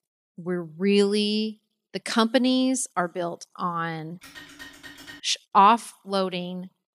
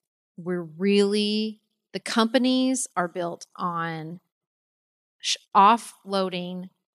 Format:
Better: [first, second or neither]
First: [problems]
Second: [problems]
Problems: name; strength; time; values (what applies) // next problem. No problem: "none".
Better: second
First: phone ringing; faint; at 4 s; peak 20 dB below the speech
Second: none